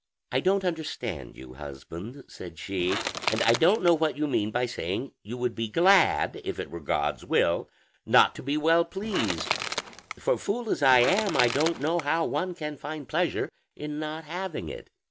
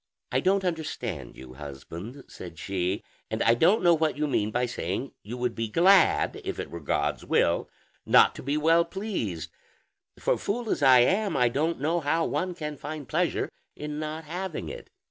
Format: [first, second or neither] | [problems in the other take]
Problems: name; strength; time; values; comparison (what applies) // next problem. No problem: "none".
second | background sound (Crushing / Wood); 6 dB below the speech